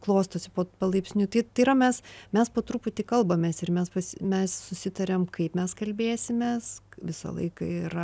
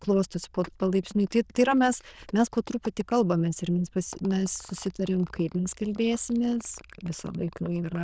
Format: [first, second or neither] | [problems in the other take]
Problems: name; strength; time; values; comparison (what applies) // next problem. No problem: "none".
first | noise reduction (neural diffusion model UNIVERSE++)